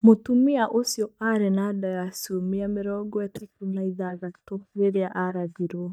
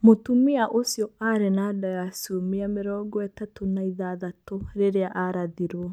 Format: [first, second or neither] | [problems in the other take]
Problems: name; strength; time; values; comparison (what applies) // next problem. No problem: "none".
second | noise reduction (neural mask model DeepFilterNet 3)